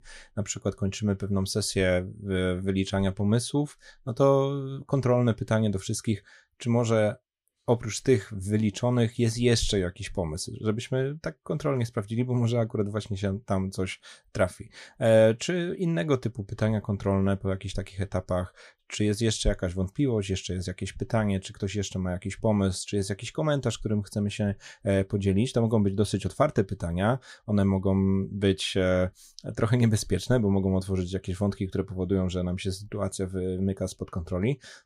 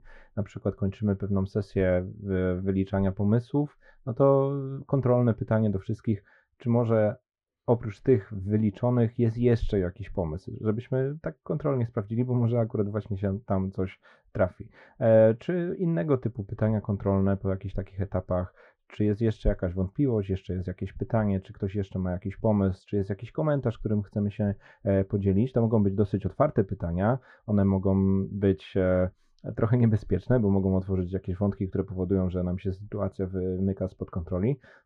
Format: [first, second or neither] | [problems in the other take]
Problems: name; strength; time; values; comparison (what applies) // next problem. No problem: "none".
first | muffled; very; fading above 3.5 kHz